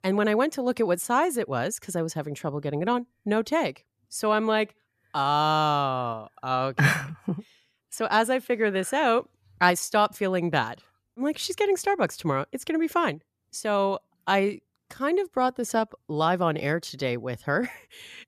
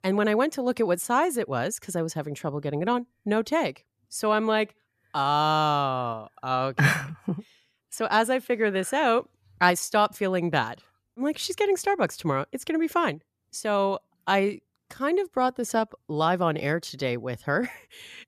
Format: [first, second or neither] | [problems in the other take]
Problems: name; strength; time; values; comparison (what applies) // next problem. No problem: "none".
neither | none